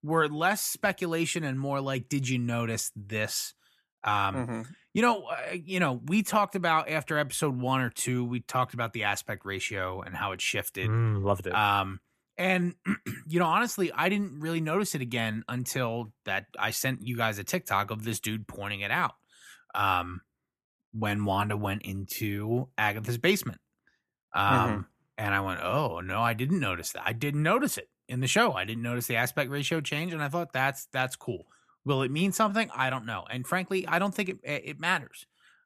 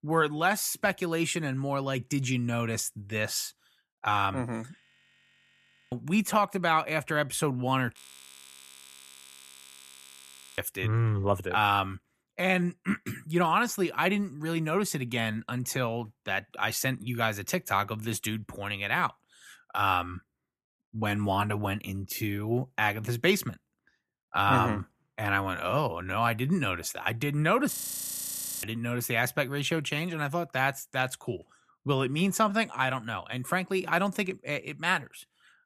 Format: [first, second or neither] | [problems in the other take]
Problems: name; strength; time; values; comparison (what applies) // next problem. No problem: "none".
first | audio freezing; at 5 s for 1 s, at 8 s for 2.5 s and at 28 s for 1 s